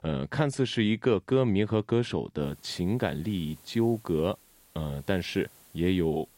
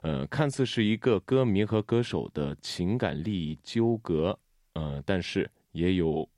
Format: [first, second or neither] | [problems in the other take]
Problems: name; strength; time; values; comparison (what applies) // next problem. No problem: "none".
second | hiss; faint; from 2.5 s on; 25 dB below the speech